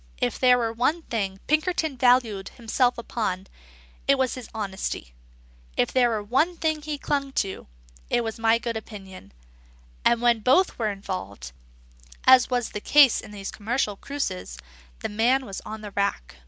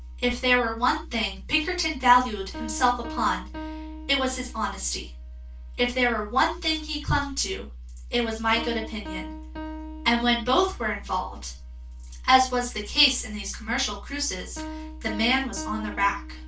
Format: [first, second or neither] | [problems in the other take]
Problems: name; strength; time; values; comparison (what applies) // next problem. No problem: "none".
first | background sound (Piano); 16 dB below the speech // room echo; dies away in 0.2 s